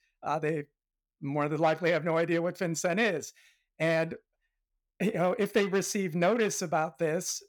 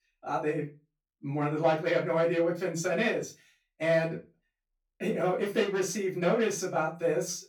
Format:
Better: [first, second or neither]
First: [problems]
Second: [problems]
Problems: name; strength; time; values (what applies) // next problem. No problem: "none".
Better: first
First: none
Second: off-mic speech; far // room echo; very slight; dies away in 0.2 s